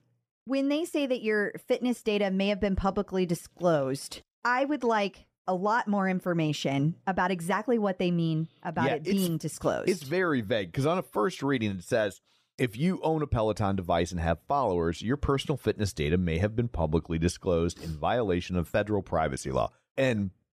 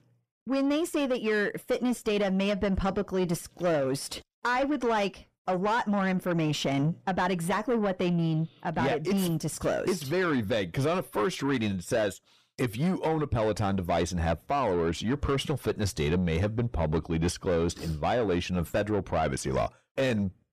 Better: first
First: none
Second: distortion; slight; 9 dB below the speech

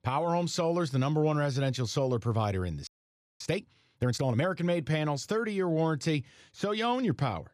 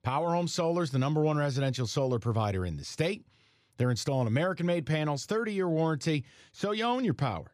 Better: second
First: audio freezing; at 3 s for 0.5 s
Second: none

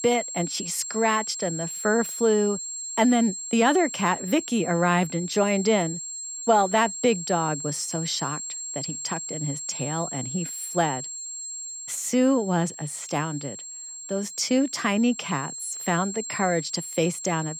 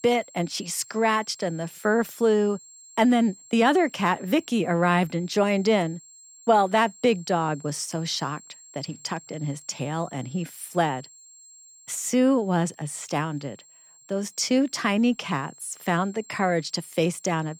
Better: second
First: high-pitched whine; loud; throughout; 7.5 kHz, 7 dB below the speech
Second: high-pitched whine; faint; throughout; 7.5 kHz, 25 dB below the speech

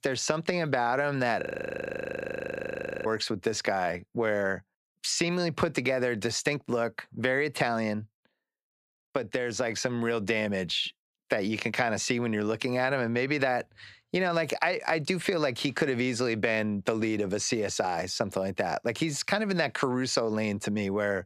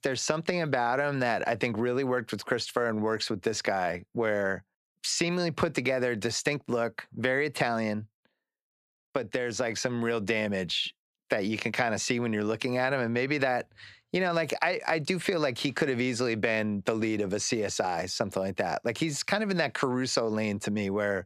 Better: second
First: audio freezing; at 1.5 s for 1.5 s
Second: none

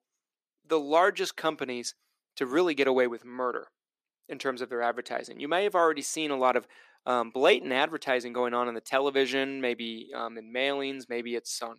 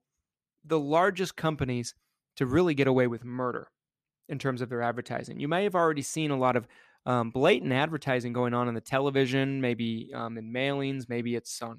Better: second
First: thin; somewhat; fading below 350 Hz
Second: none

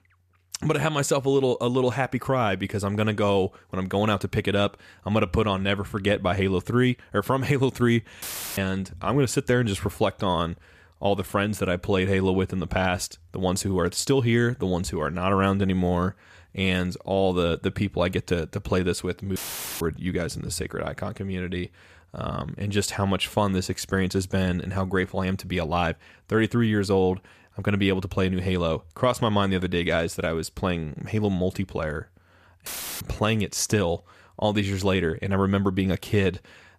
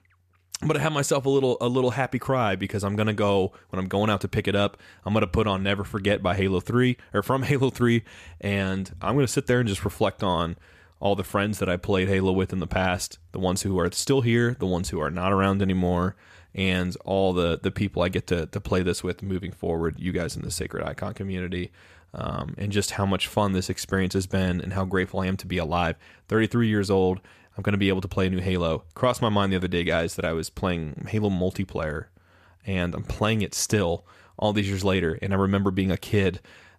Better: second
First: audio cutting out; filled with static; at 8 s, at 19 s and at 33 s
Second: none

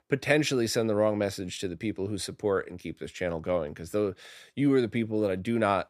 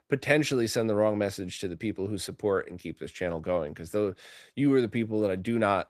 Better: first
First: none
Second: garbled, watery; slightly; nothing above 14.5 kHz

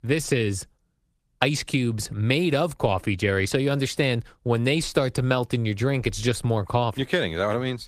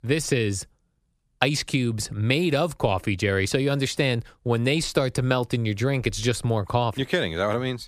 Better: second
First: garbled, watery; slightly; nothing above 14.5 kHz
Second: none

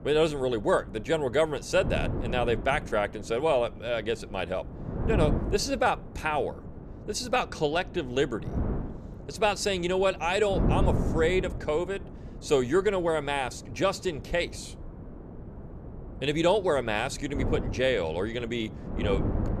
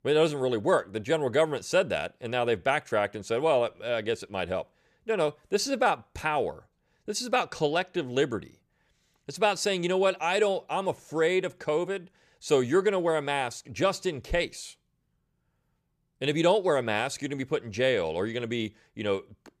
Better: second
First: wind noise on the microphone; occasional gusts; 15 dB below the speech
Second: none

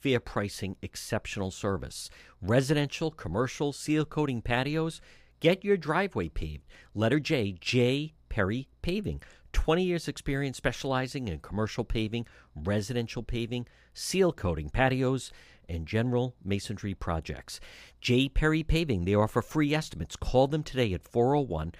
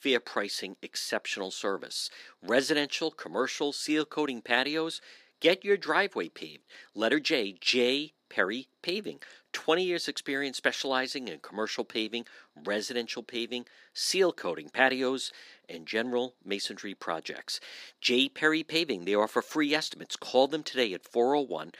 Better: first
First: none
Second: thin; somewhat; fading below 250 Hz

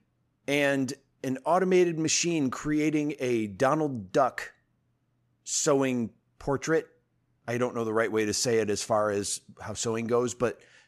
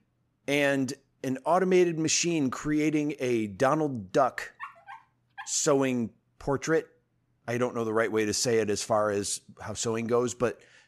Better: first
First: none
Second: dog barking; faint; at 4.5 s; peak 15 dB below the speech

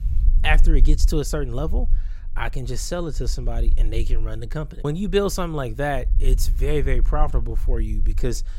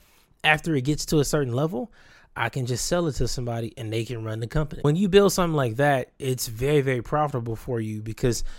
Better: second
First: low rumble; faint; throughout; 20 dB below the speech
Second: none

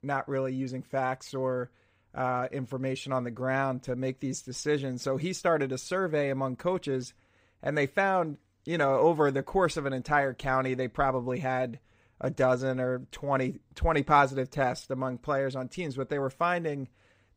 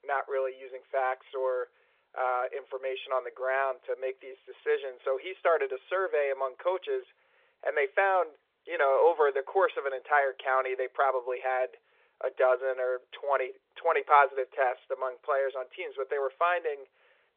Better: first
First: none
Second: phone-call audio; nothing above 3.5 kHz

